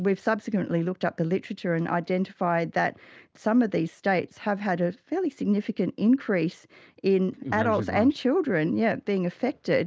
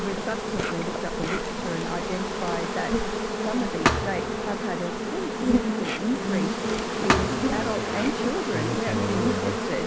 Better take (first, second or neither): first